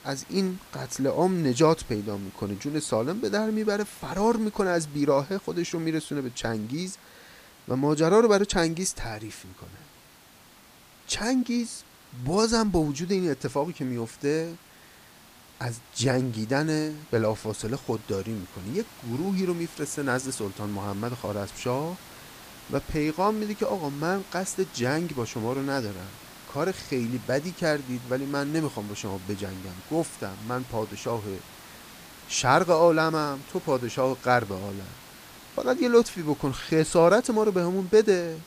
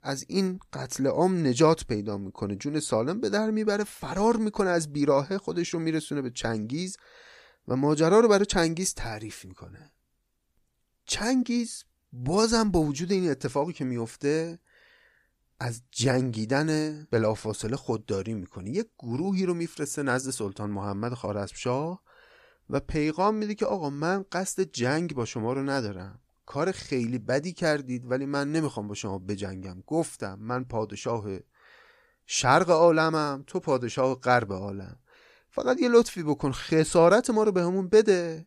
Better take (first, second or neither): second